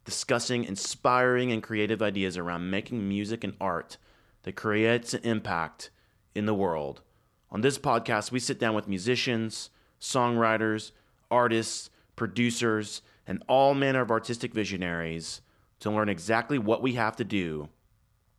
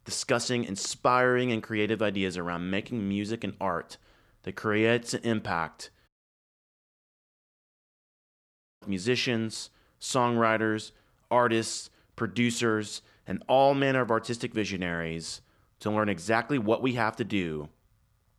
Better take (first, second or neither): first